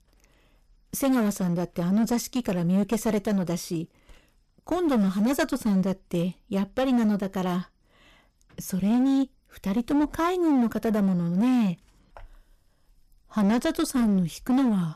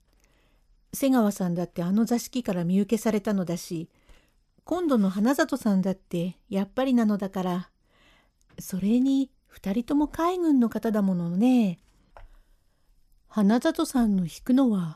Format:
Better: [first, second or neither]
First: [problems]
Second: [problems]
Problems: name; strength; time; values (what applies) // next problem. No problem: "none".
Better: second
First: distortion; slight; 12% of the sound clipped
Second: none